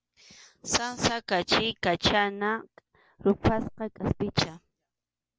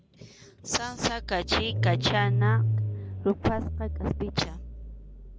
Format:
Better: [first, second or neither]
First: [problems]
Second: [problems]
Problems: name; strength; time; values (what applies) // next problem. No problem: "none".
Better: first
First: none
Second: background sound (Engine starting / Car); 1 dB above the speech